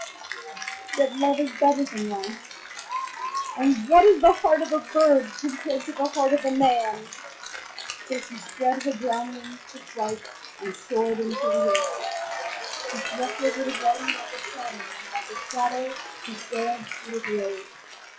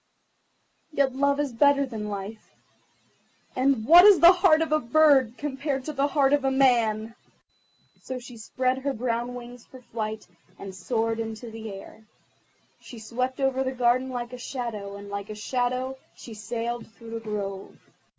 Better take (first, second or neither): second